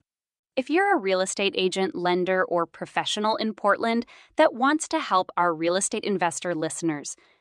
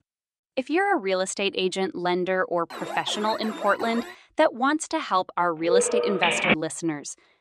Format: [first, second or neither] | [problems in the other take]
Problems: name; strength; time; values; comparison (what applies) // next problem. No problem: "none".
first | alarm; noticeable; from 2.5 to 4 s; peak 9 dB below the speech // phone ringing; loud; at 5.5 s; peak 4 dB above the speech